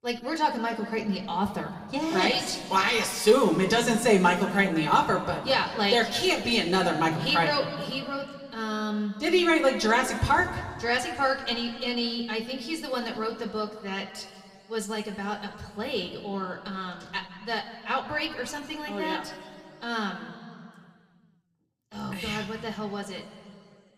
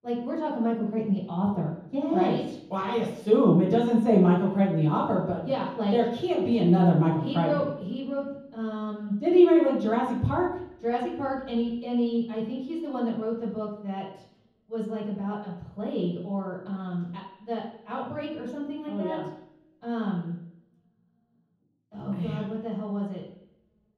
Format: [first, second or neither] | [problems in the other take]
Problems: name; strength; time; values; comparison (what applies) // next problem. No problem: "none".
first | room echo; strong; dies away in 0.9 s; slight in the first // off-mic speech; far